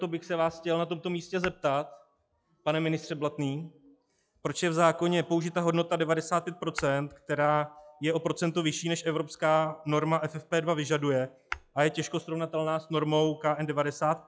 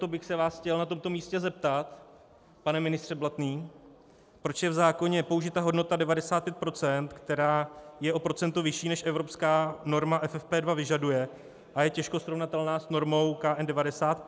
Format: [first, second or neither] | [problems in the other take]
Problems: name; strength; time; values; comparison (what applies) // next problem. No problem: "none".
second | noise reduction (classical method log-MMSE)